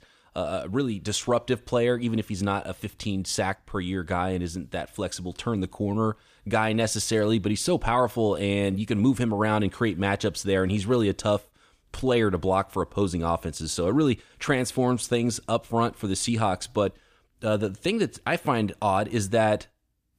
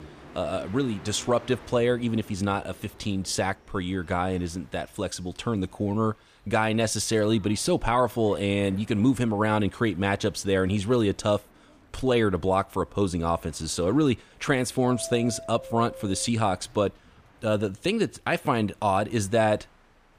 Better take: first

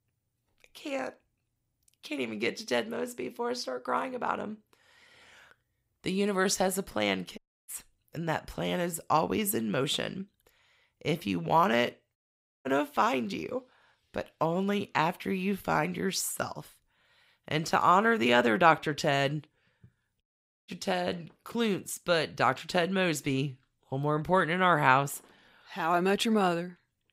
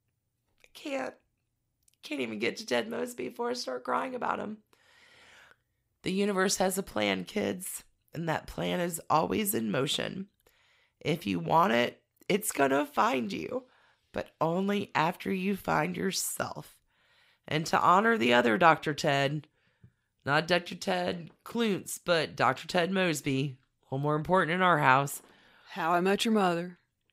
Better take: second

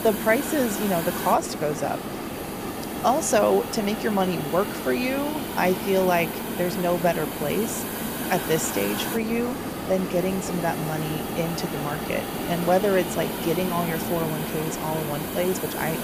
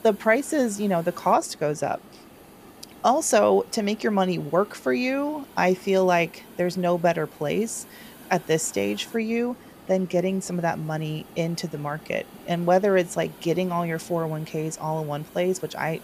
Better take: second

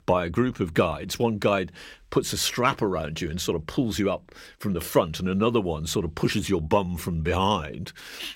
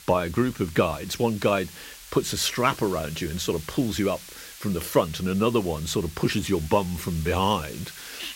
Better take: first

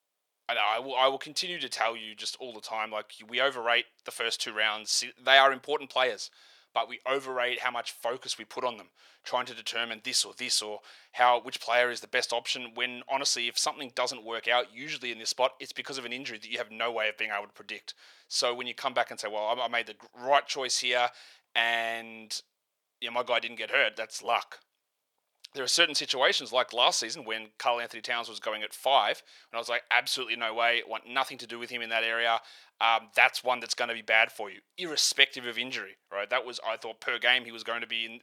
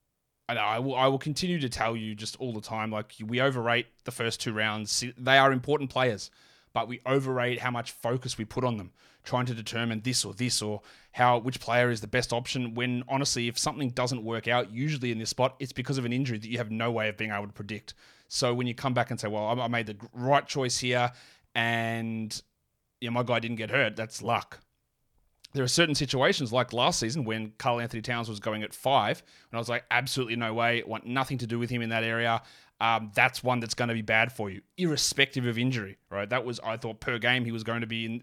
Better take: second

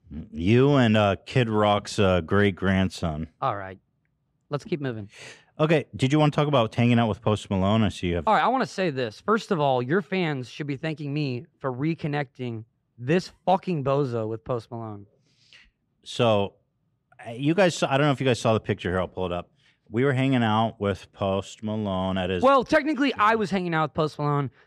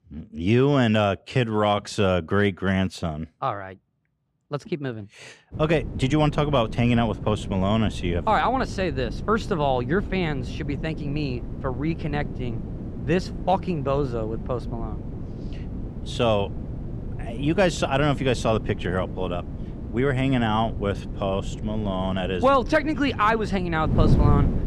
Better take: first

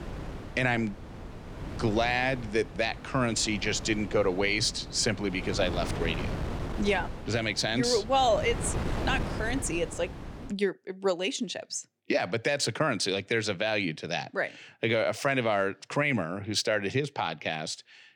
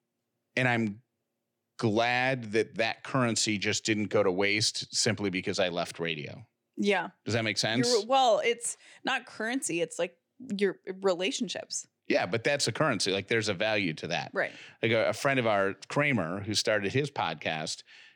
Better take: second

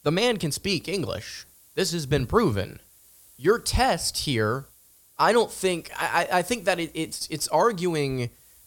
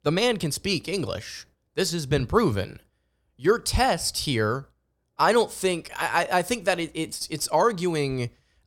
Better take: second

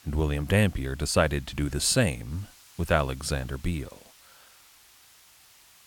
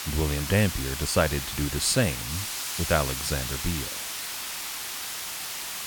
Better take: first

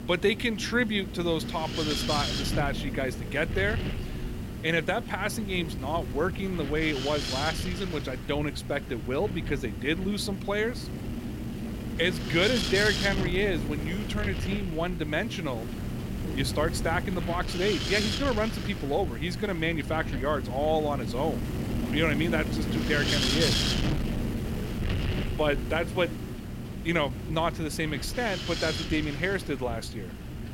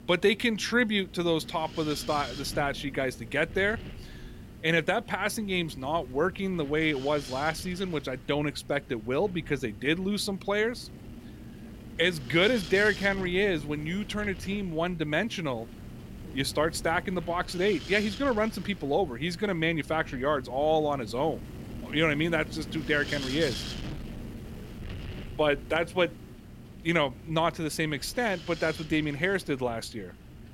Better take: second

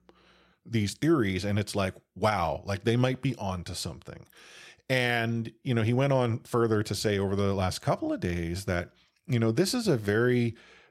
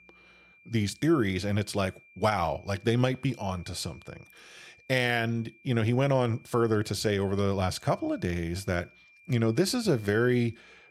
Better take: first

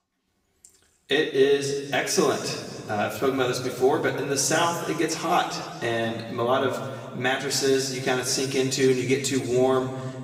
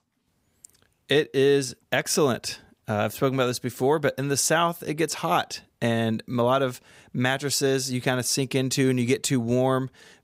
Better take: second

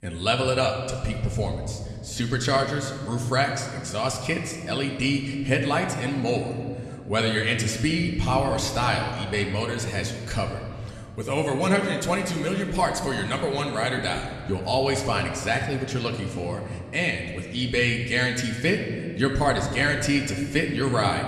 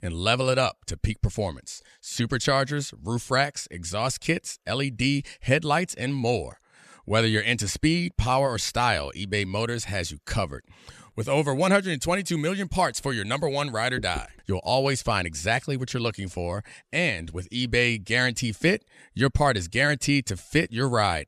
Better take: second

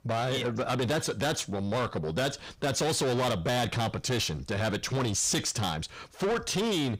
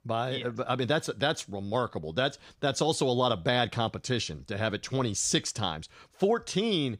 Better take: second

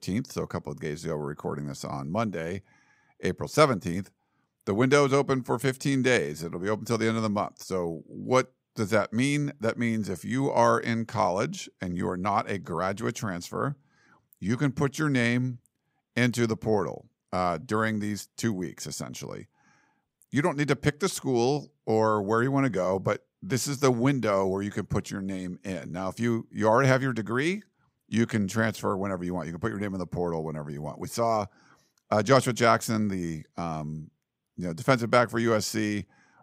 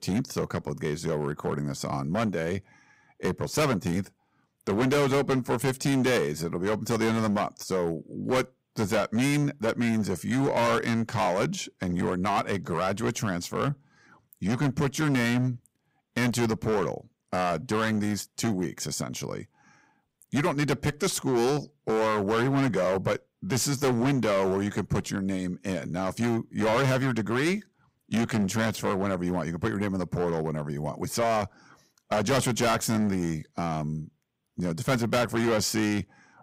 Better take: first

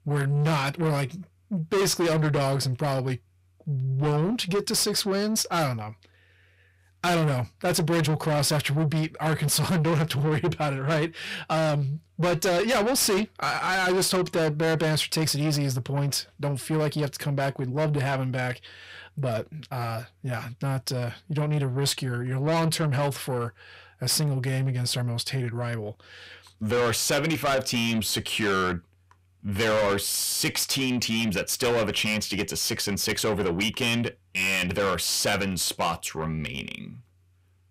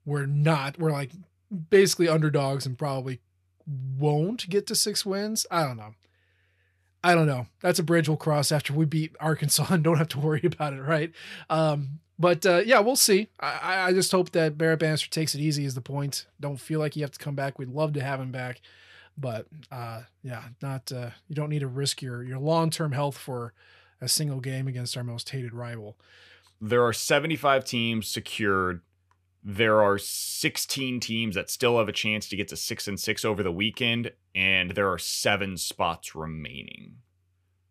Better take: second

